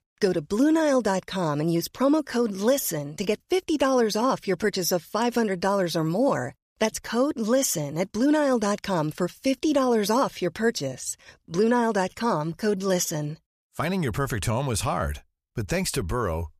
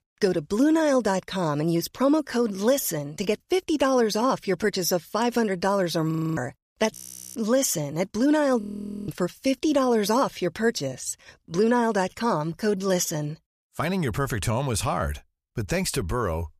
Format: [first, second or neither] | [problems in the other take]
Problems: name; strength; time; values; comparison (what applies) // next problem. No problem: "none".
first | audio freezing; at 6 s, at 7 s and at 8.5 s